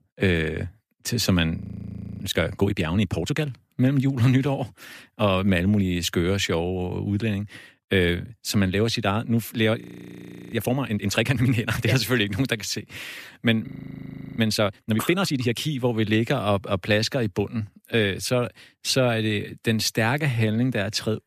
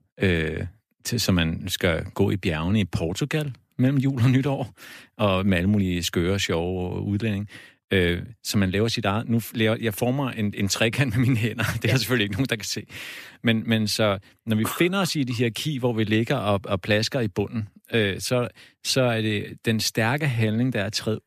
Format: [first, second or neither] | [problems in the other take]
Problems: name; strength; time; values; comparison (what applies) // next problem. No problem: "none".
second | audio freezing; at 1.5 s for 0.5 s, at 10 s for 0.5 s and at 14 s for 0.5 s